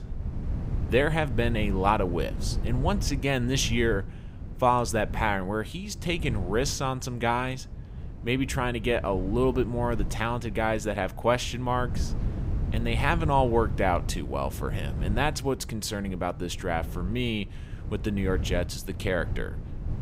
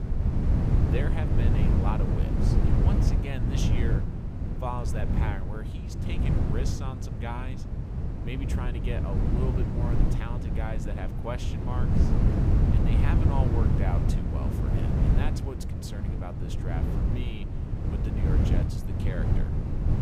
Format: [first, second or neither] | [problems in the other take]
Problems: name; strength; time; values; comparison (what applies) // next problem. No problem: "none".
first | wind noise on the microphone; heavy; 1 dB above the speech; occasional gusts in the first